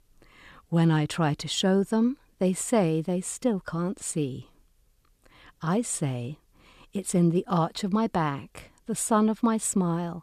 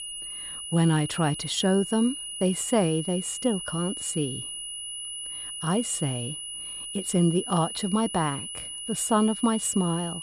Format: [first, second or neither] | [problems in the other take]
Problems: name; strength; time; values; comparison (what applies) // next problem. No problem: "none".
first | high-pitched whine; loud; throughout; 3 kHz, 7 dB below the speech